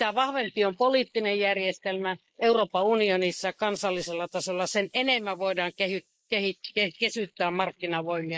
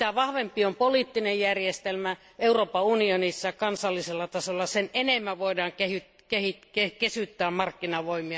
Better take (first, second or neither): second